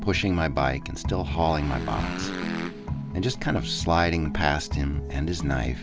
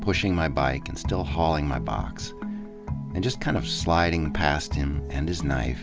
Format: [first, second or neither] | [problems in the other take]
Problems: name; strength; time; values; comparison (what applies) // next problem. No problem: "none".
second | background sound (Motorcycle); 10 dB below the speech